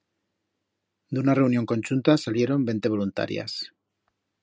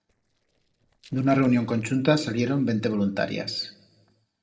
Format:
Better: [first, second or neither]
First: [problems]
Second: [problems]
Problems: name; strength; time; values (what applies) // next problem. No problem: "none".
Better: first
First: none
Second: noise reduction (neural separator model SepFormer DNS4)